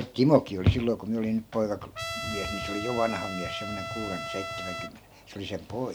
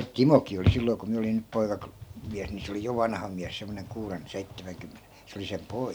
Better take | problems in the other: second | background sound (Trumpet); 7 dB below the speech

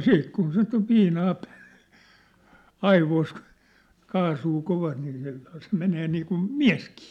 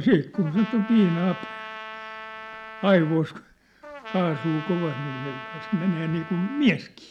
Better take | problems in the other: first | background sound (Trumpet); 14 dB below the speech

